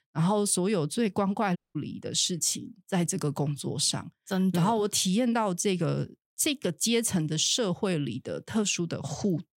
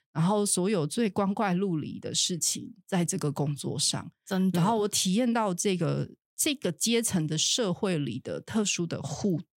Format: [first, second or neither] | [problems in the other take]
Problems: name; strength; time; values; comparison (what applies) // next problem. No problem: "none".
second | audio cutting out; at 1.5 s